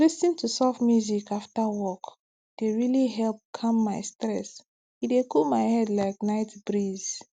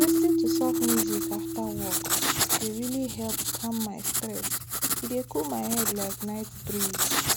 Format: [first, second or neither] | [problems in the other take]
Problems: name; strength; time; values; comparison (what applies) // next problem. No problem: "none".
first | background sound (Keyboard (musical) + Writing); 5 dB above the speech